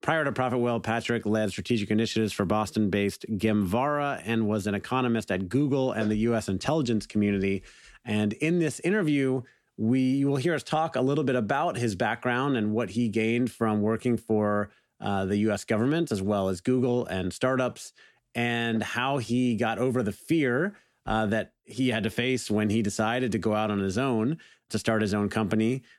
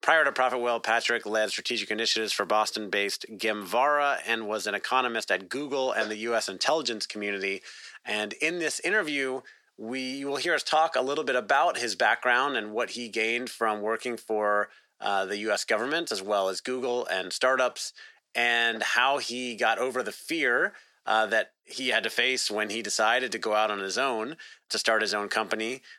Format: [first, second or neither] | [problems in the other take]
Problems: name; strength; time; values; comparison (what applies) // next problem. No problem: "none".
first | thin; very; fading below 650 Hz